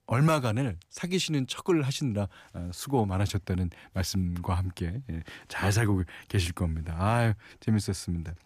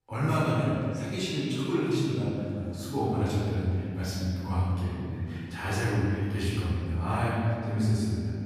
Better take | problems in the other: first | off-mic speech; far // room echo; strong; dies away in 2.1 s

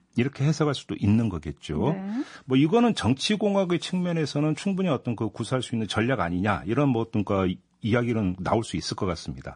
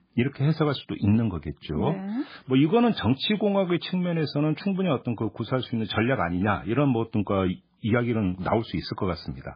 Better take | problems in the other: first | garbled, watery; badly; nothing above 5 kHz; slightly in the first

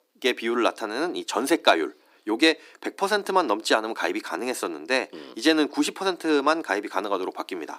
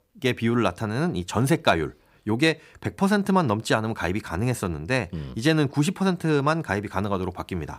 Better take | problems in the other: second | thin; somewhat; fading below 300 Hz

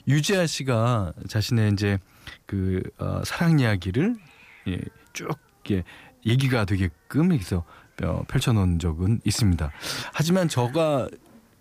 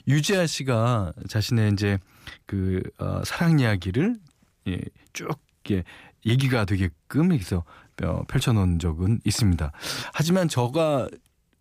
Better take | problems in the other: second | hiss; faint; throughout; 30 dB below the speech

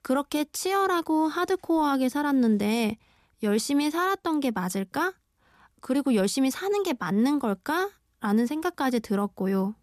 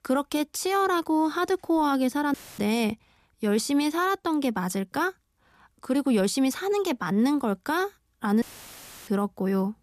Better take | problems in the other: first | audio cutting out; filled with static; at 2.5 s and at 8.5 s for 0.5 s

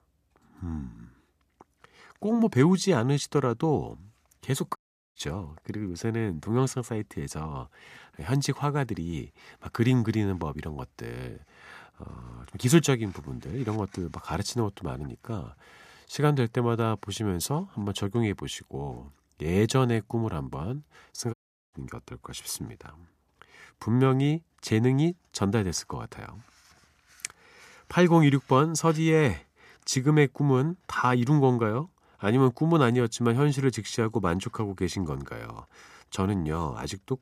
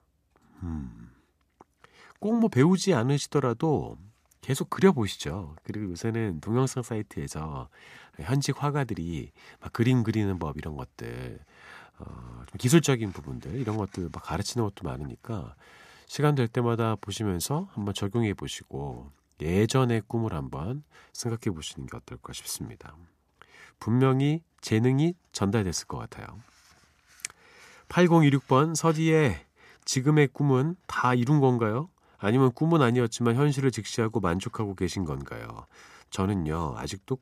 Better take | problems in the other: second | audio cutting out; at 5 s and at 21 s

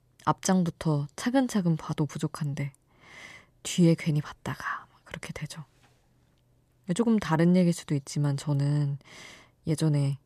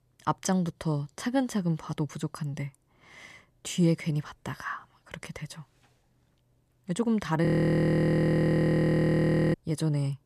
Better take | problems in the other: first | audio freezing; at 7.5 s for 2 s

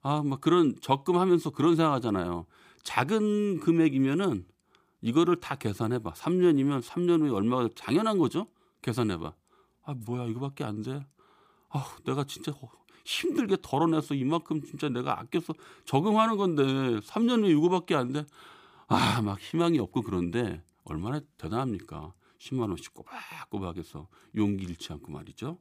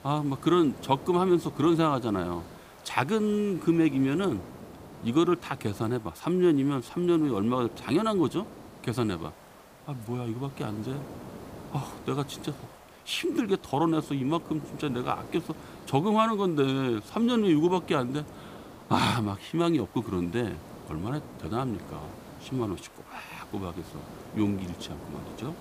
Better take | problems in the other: first | hiss; noticeable; throughout; 20 dB below the speech

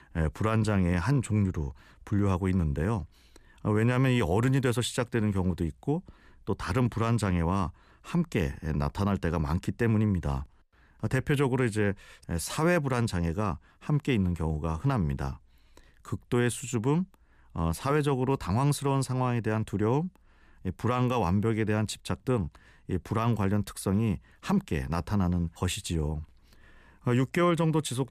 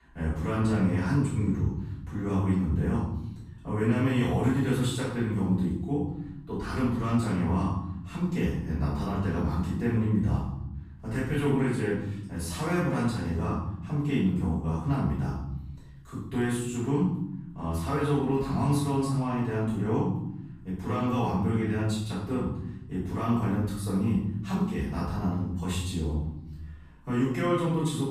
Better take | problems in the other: first | off-mic speech; far // room echo; noticeable; dies away in 0.9 s

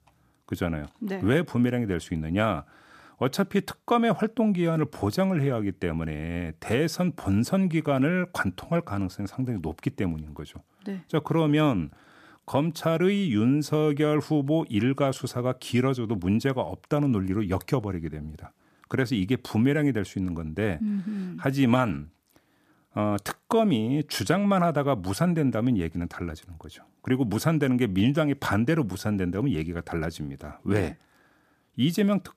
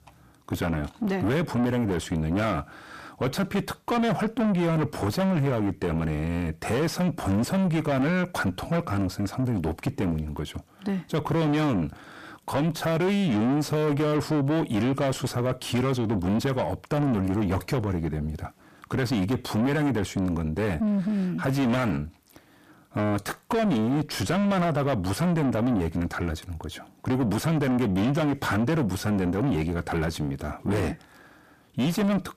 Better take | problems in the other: first | distortion; heavy; 7 dB below the speech

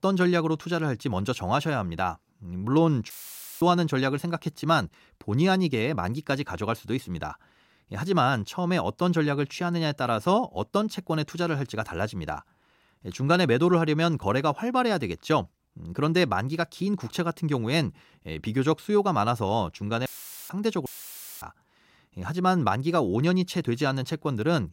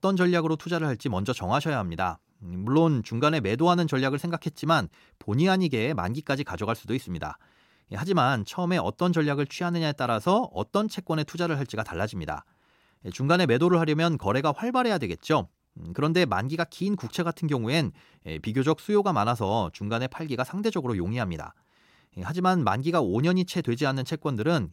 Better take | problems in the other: second | audio cutting out; filled with static; at 3 s for 0.5 s, at 20 s and at 21 s for 0.5 s

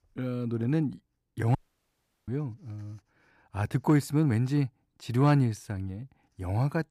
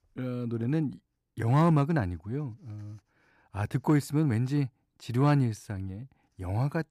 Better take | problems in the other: second | audio cutting out; at 1.5 s for 0.5 s

